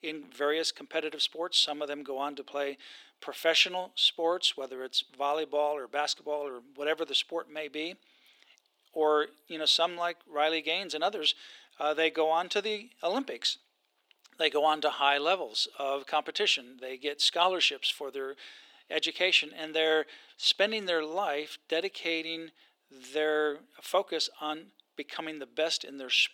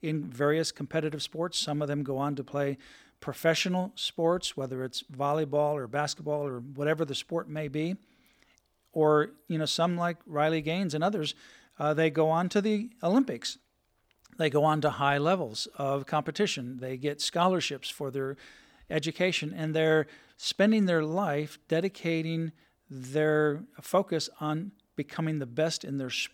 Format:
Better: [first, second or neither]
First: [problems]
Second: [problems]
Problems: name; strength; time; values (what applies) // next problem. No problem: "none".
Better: second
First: thin; somewhat; fading below 350 Hz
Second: none